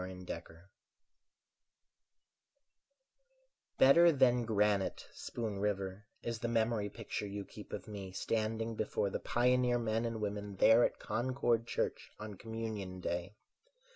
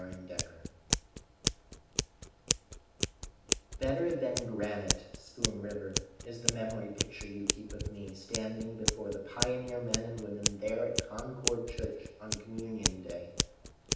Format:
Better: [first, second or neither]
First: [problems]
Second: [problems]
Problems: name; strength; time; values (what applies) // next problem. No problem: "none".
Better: first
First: none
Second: background sound (Scissors); 2 dB above the speech // room echo; dies away in 0.8 s